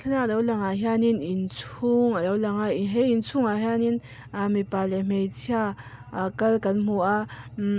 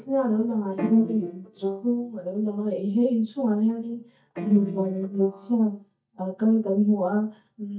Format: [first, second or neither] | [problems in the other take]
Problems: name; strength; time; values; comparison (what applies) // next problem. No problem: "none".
first | noise reduction (neural mask model DeepFilterNet 3)